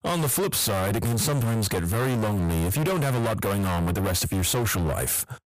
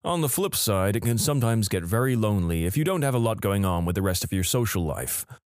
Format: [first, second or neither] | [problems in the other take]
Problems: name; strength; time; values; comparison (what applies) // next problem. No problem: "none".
second | distortion; heavy; 44% of the sound clipped